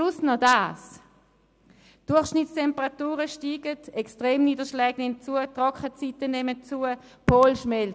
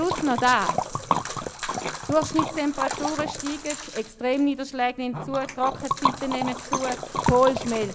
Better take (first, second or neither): first